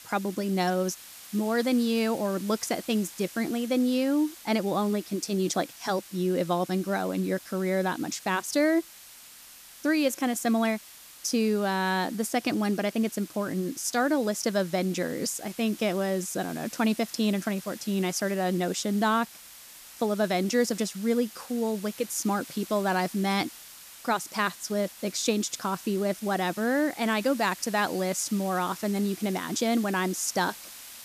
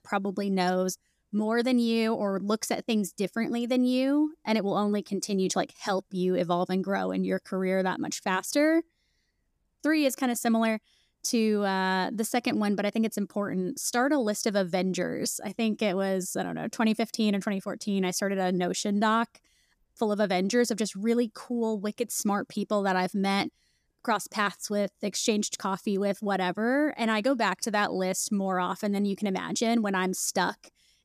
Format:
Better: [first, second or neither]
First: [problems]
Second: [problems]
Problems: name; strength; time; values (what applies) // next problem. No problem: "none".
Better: second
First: hiss; noticeable; throughout; 15 dB below the speech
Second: none